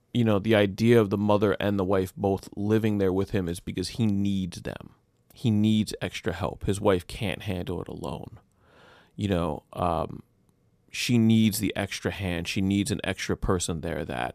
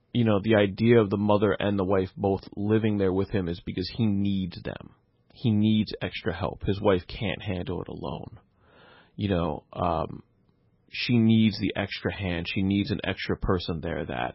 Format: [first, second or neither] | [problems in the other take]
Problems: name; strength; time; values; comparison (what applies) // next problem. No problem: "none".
first | garbled, watery; badly; nothing above 5.5 kHz